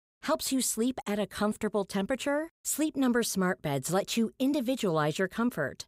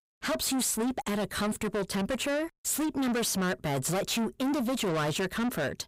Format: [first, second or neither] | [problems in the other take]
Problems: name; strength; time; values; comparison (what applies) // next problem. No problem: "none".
first | distortion; heavy; 7 dB below the speech